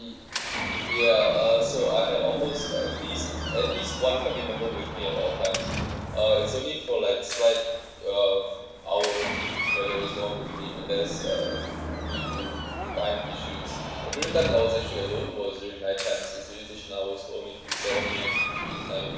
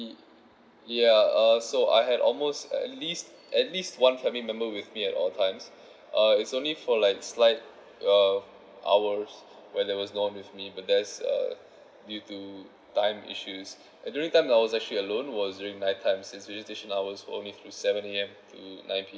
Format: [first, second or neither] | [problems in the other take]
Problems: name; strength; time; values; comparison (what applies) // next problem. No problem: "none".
second | background sound (Door); 5 dB below the speech // room echo; dies away in 1.1 s